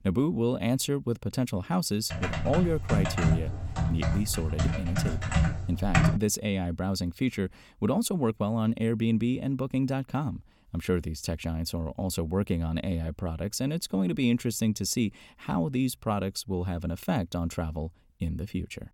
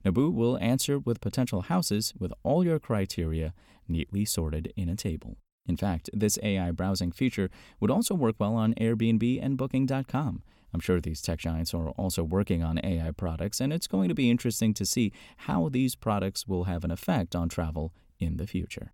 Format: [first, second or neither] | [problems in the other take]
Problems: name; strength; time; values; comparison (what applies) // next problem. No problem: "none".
second | keyboard typing; loud; from 2 to 6 s; peak 5 dB above the speech